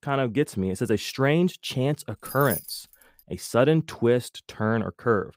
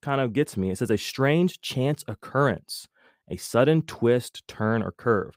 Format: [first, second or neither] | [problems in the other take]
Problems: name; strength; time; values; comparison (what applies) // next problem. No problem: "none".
second | jangling keys; noticeable; at 2.5 s; peak 6 dB below the speech